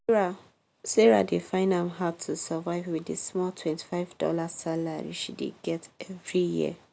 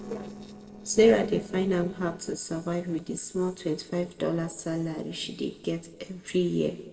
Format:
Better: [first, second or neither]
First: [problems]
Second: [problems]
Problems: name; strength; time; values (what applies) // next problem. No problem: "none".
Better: first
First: none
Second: noise reduction (neural separator model SepFormer DNS4)